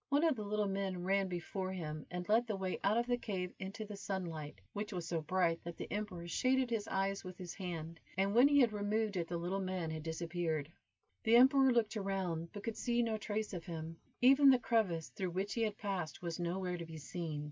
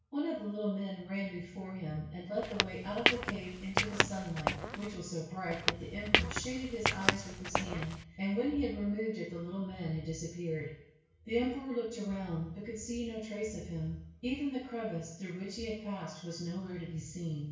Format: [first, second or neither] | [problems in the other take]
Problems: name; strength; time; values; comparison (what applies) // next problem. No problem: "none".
first | background sound (Squeak / Walk, footsteps); 3 dB above the speech // room echo; dies away in 0.6 s